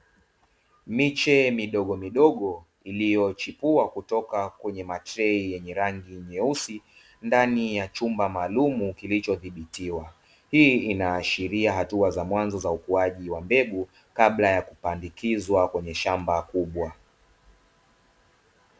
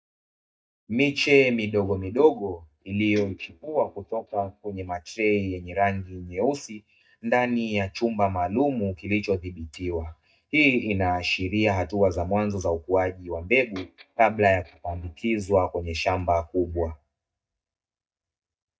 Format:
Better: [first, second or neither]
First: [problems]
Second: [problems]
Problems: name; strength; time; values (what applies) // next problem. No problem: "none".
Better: first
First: none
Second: noise reduction (neural mask model DeepFilterNet 3)